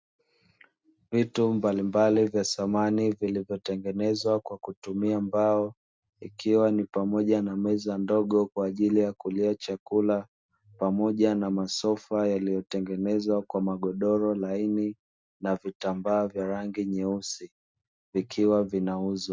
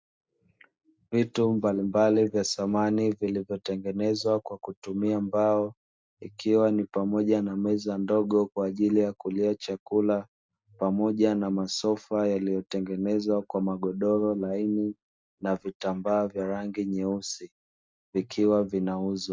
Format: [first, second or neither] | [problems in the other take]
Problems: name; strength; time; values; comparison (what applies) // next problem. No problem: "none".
first | noise reduction (neural mask model Resemble Enhance denoiser)